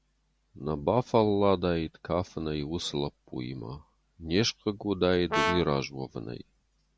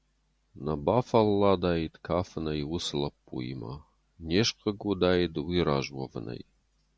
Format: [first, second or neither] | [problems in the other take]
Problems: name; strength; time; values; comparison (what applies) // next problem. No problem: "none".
second | background sound (Brass instrument); 3 dB below the speech